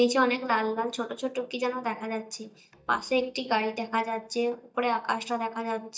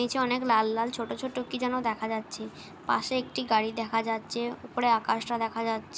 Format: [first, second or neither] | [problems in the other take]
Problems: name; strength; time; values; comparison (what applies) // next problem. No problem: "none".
second | noise reduction (neural mask model DeepFilterNet 3)